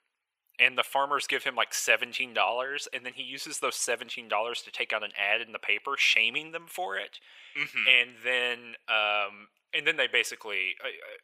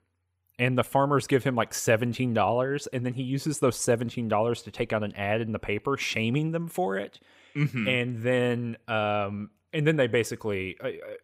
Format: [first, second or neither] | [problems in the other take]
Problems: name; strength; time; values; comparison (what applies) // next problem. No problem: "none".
second | thin; very; fading below 750 Hz